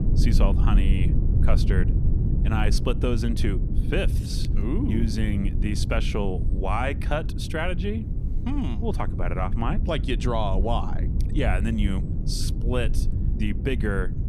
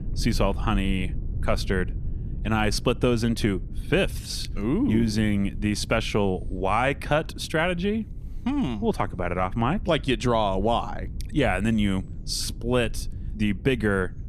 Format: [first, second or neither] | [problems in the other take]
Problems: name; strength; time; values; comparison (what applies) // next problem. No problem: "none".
second | low rumble; loud; throughout; 9 dB below the speech; faint in the second